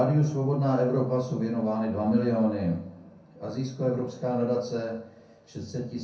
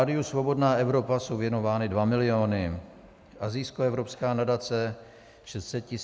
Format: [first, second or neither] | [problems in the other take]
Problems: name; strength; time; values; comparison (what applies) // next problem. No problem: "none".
second | room echo; dies away in 0.5 s